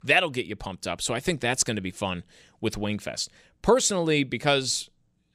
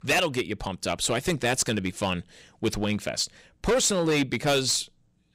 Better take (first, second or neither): first